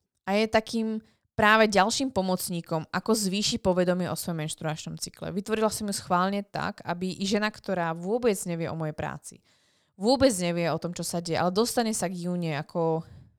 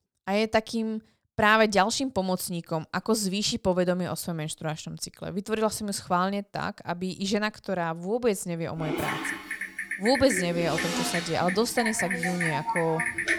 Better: first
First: none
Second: keyboard typing; loud; from 9 s on; peak level with the speech

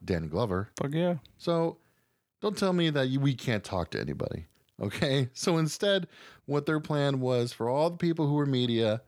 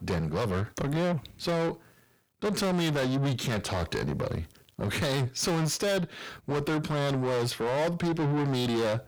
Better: first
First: none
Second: distortion; heavy; 5 dB below the speech

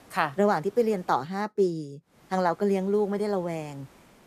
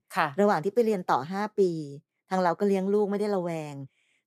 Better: second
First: hiss; faint; until 1.5 s and from 2 s on; 30 dB below the speech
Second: none

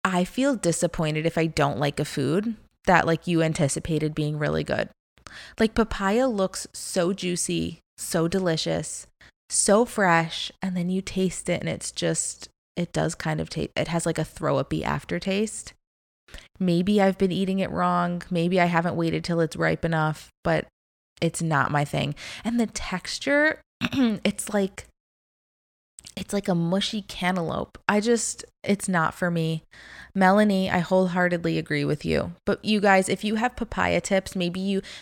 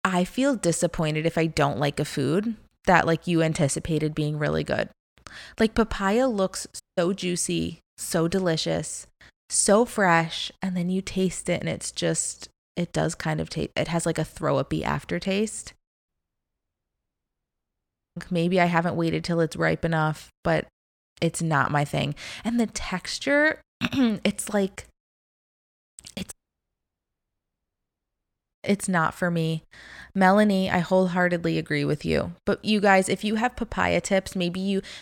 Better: first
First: none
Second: audio cutting out; at 7 s, at 16 s for 2 s and at 26 s for 2 s

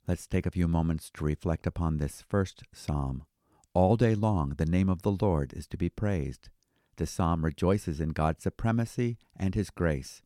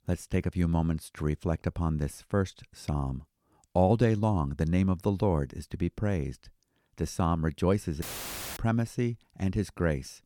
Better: first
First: none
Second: audio cutting out; filled with static; at 8 s for 0.5 s

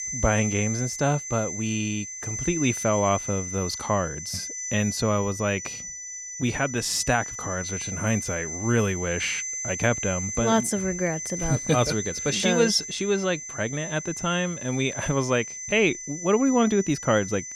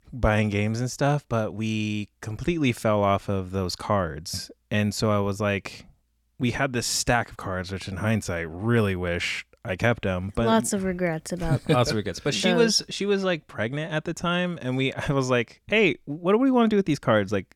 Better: second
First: high-pitched whine; loud; throughout; 6 kHz, 6 dB below the speech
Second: none

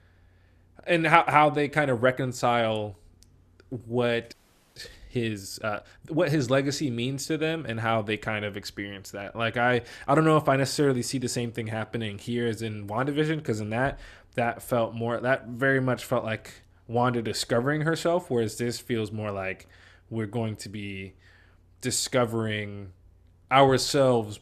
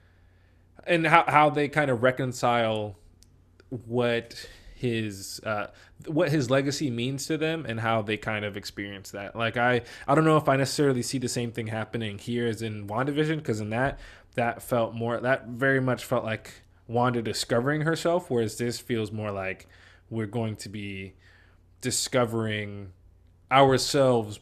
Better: second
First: audio freezing; at 4.5 s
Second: none

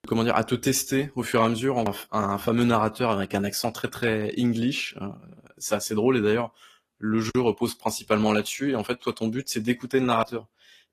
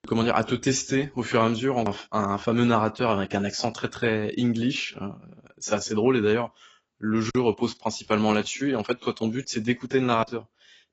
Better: first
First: garbled, watery; slightly; nothing above 14.5 kHz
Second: garbled, watery; badly; nothing above 7.5 kHz

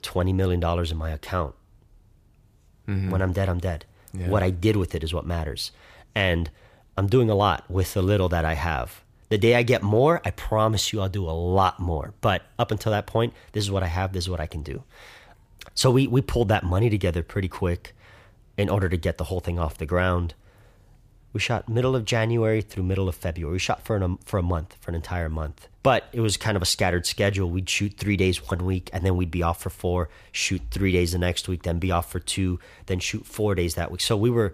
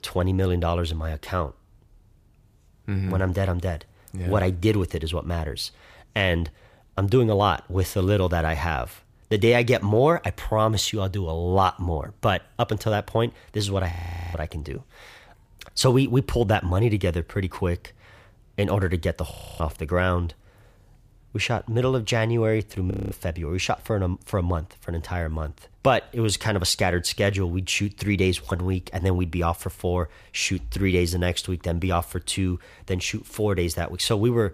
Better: first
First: none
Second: audio freezing; at 14 s, at 19 s and at 23 s

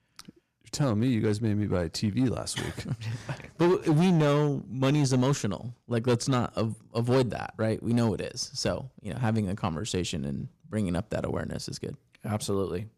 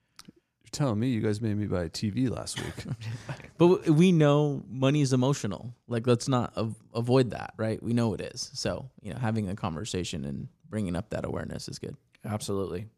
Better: second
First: distortion; slight; 5% of the sound clipped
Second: none

